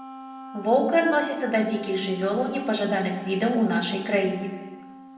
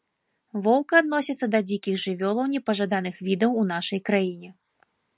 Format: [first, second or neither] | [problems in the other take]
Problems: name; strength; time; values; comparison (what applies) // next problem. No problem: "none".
second | background sound (Wind instrument, woodwind instrument); 16 dB below the speech // room echo; dies away in 1.2 s